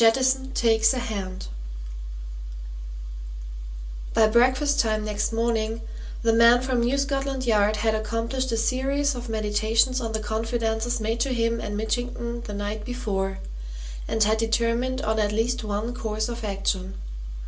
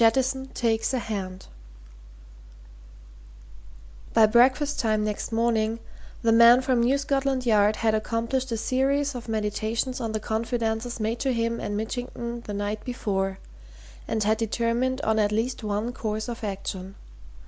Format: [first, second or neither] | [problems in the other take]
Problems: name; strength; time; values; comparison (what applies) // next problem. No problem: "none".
second | room echo; dies away in 0.2 s